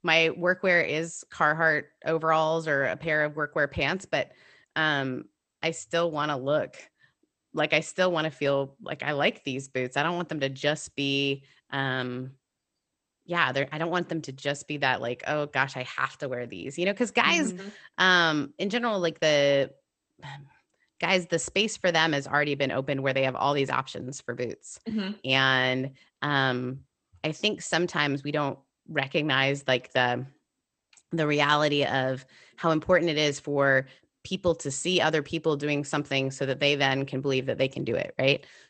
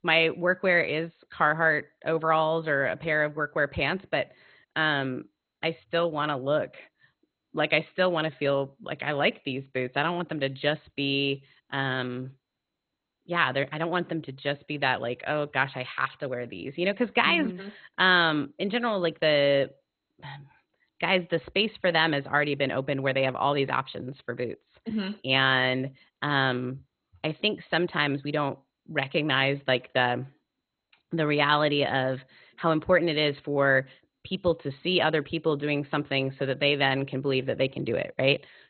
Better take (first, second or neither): first